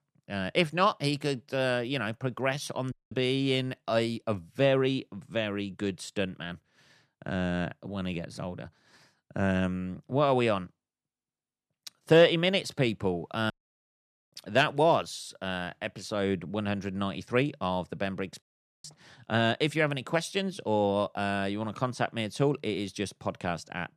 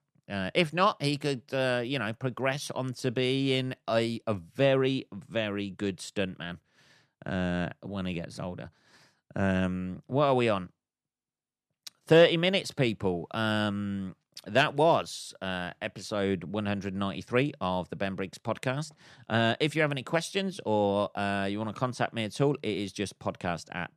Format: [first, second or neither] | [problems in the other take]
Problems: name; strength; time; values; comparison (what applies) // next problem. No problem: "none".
second | audio cutting out; at 3 s, at 14 s for 1 s and at 18 s